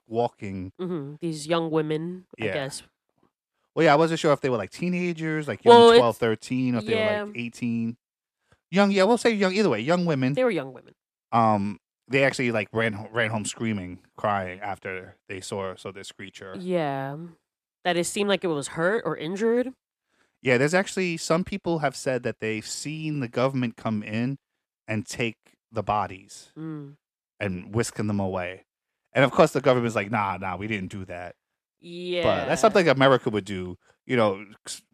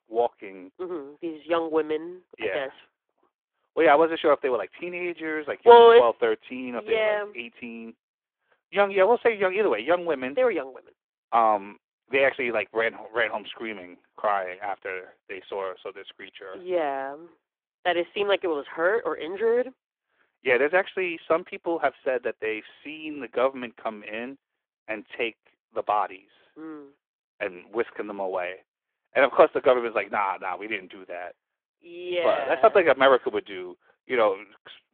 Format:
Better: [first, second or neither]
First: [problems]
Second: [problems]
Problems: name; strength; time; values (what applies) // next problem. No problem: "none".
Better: first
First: none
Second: phone-call audio